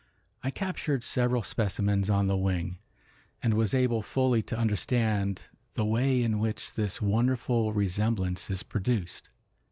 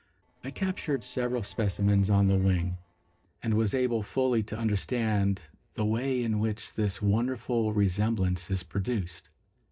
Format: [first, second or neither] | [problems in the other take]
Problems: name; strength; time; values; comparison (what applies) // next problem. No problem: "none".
first | noise reduction (neural separator model SepFormer DNS4)